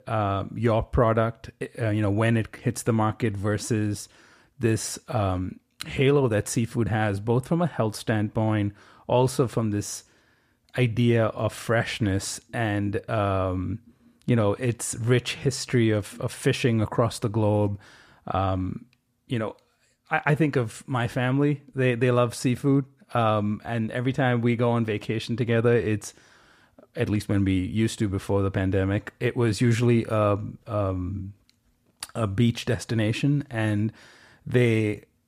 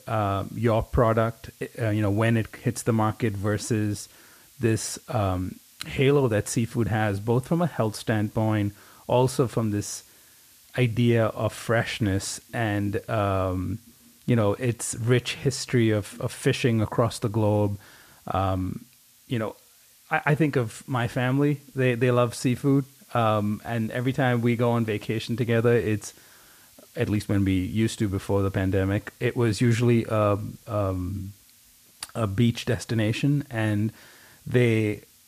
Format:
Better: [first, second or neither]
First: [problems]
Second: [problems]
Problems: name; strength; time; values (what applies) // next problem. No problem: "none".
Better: first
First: none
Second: hiss; faint; throughout; 25 dB below the speech